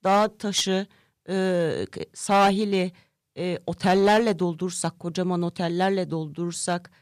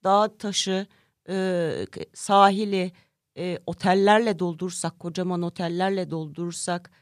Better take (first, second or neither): second